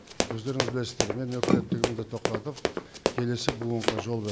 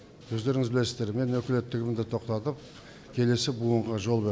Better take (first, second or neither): second